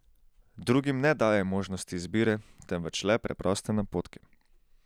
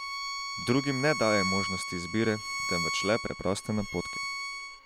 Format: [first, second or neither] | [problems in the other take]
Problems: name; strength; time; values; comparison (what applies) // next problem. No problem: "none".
first | background sound (Bowed string instrument); 4 dB below the speech